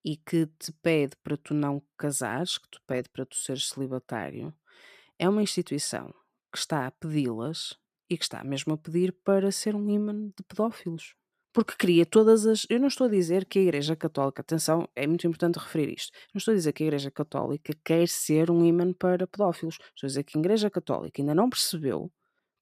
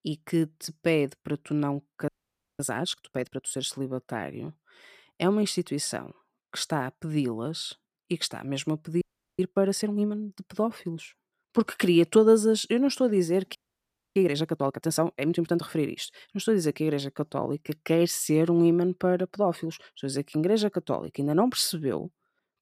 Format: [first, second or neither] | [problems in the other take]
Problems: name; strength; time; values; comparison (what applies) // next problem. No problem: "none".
first | audio freezing; at 2 s for 0.5 s, at 9 s and at 14 s for 0.5 s